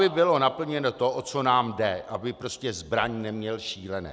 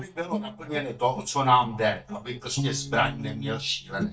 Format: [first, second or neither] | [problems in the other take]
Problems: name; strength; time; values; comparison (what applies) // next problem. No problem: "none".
first | noise reduction (neural mask model DeepFilterNet 3)